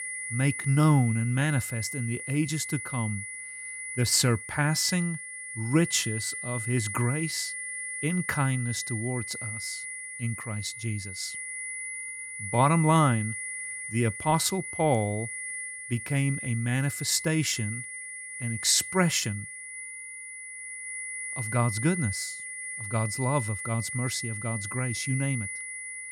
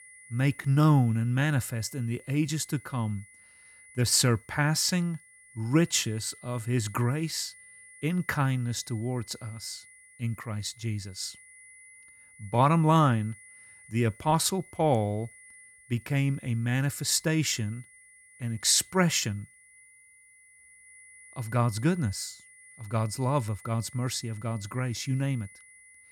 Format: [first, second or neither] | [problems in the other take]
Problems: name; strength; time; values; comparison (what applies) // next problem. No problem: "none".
second | high-pitched whine; loud; throughout; 2 kHz, 7 dB below the speech; faint in the second